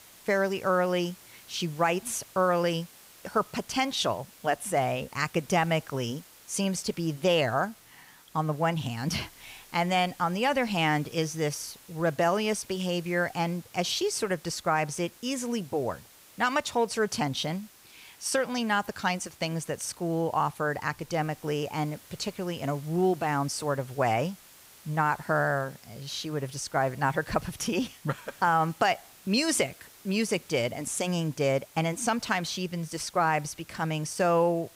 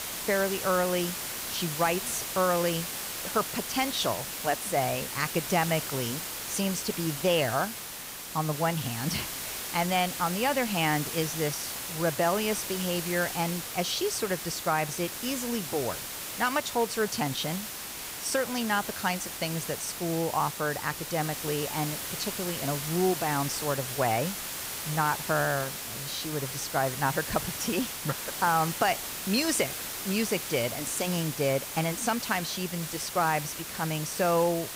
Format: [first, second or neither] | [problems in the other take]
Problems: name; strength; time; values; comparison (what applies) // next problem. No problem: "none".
first | hiss; loud; throughout; 4 dB below the speech; faint in the first